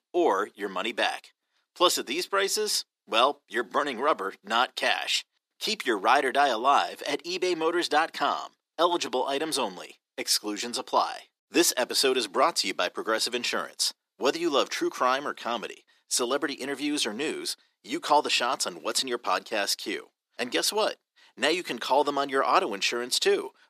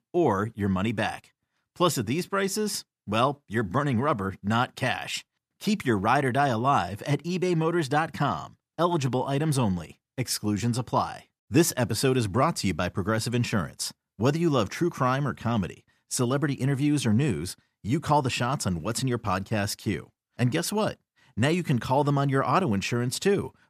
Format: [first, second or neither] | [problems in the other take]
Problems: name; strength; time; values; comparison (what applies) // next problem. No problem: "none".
second | thin; very; fading below 350 Hz